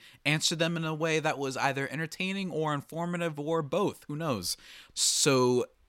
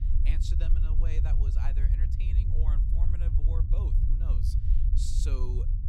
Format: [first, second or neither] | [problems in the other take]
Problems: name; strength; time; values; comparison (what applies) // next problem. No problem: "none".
first | low rumble; loud; throughout; as loud as the speech